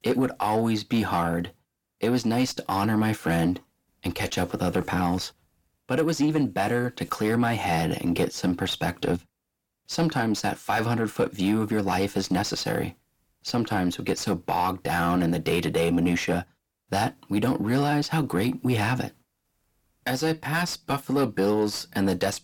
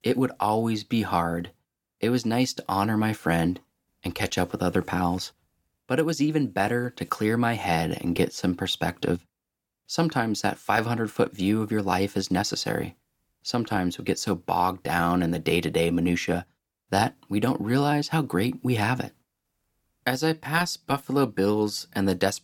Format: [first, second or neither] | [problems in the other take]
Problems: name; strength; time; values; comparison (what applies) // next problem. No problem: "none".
second | distortion; slight; 10 dB below the speech